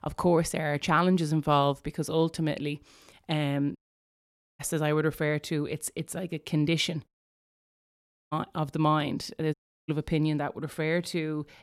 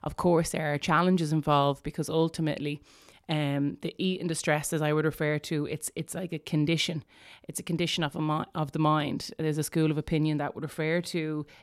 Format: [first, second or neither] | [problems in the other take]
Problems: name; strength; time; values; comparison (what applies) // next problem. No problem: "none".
second | audio cutting out; at 4 s for 1 s, at 7 s for 1 s and at 9.5 s